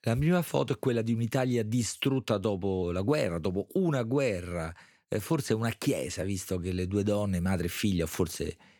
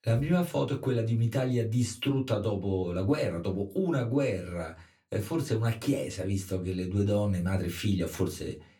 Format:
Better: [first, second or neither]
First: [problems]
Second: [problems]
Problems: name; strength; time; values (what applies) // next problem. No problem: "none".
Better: first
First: none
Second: off-mic speech; somewhat distant // room echo; very slight; dies away in 0.2 s